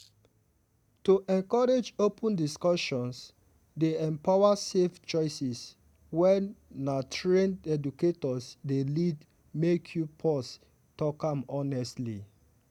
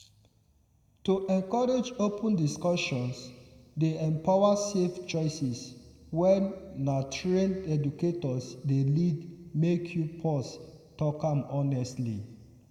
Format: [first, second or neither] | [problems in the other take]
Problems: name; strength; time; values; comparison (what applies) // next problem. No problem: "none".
first | room echo; dies away in 1.4 s